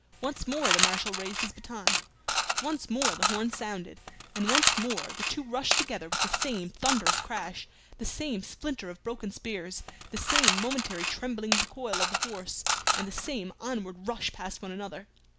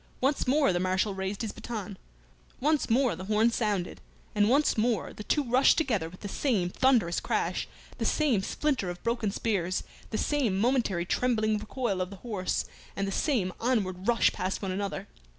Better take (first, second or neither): second